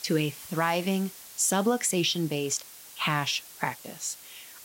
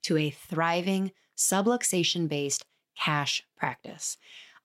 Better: second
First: hiss; noticeable; throughout; 15 dB below the speech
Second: none

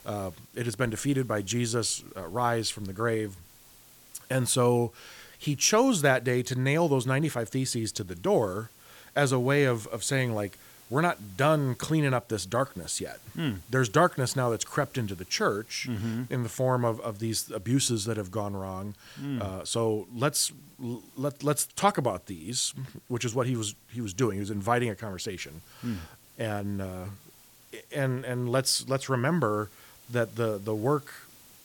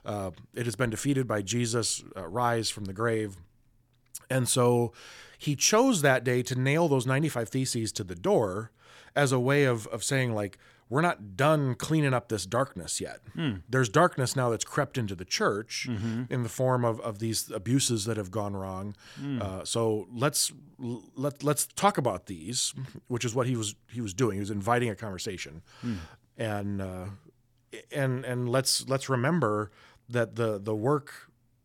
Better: second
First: hiss; faint; throughout; 25 dB below the speech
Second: none

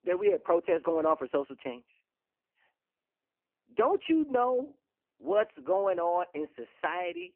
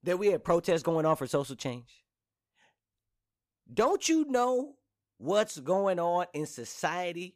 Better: second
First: phone-call audio; poor line; nothing above 3 kHz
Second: none

